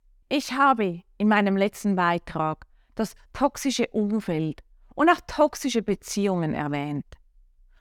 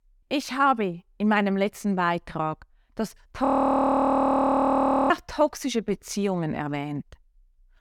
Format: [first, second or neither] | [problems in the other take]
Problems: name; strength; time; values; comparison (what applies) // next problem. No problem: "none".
first | audio freezing; at 3.5 s for 1.5 s